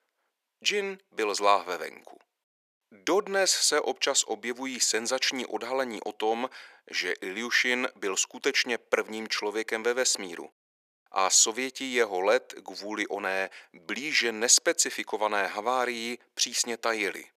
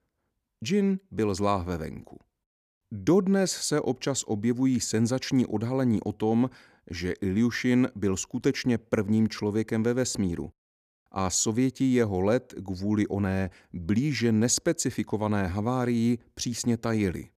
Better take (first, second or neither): second